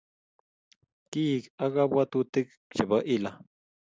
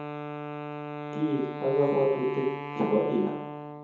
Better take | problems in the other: first | background sound (Wind instrument, woodwind instrument); 7 dB below the speech // room echo; dies away in 0.7 s

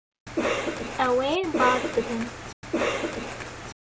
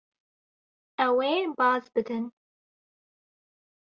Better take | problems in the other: second | background sound (Cough); as loud as the speech

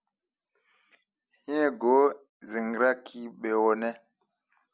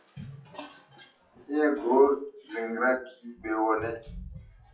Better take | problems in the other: first | noise reduction (classical method WPE with log-MMSE)

